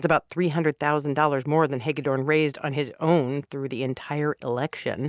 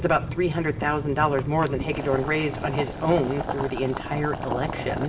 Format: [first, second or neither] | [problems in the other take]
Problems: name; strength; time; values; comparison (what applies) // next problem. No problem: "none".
first | background sound (Boiling); 6 dB below the speech // room echo; dies away in 0.5 s